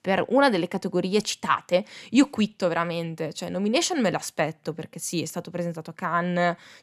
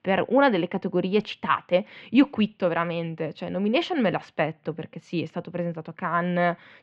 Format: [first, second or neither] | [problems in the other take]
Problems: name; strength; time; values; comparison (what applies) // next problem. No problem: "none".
first | muffled; very; fading above 3 kHz